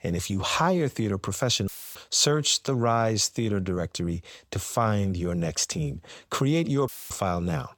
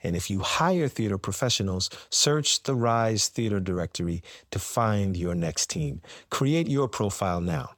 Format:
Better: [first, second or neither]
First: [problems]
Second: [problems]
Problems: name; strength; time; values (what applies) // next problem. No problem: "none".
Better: second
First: audio cutting out; filled with static; at 1.5 s and at 7 s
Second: none